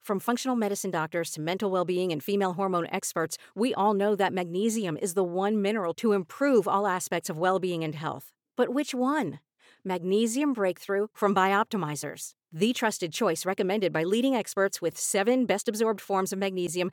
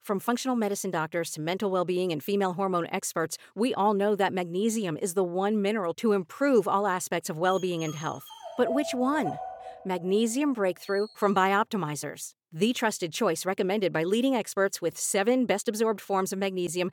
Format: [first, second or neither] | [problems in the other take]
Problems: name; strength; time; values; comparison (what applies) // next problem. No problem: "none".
first | dog barking; noticeable; from 7.5 to 11 s; peak 6 dB below the speech